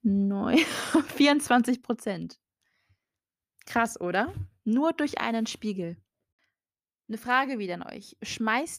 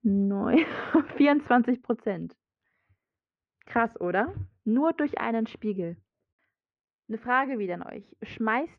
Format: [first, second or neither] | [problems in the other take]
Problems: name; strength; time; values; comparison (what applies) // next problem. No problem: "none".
first | muffled; very; fading above 2 kHz